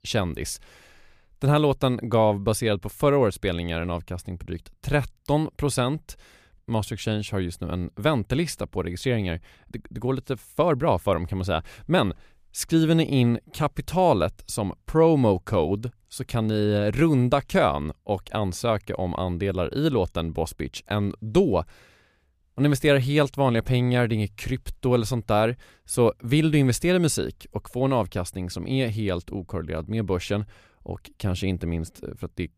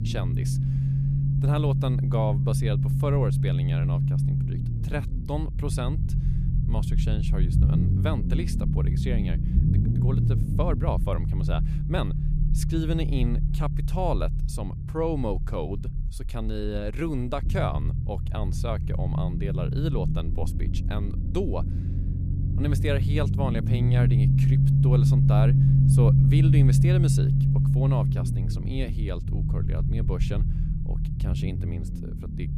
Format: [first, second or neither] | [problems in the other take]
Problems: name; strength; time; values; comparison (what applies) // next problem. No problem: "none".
first | low rumble; loud; throughout; 1 dB below the speech